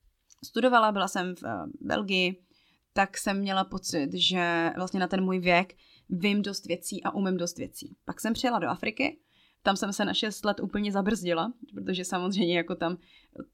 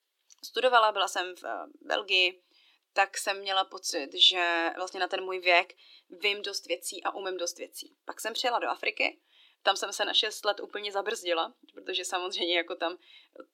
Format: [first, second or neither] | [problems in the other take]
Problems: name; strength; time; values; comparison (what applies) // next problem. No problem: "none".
first | thin; very; fading below 350 Hz